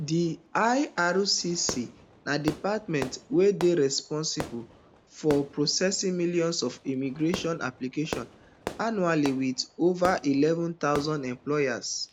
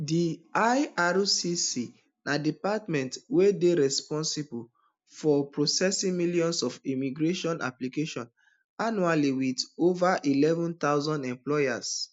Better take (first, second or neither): second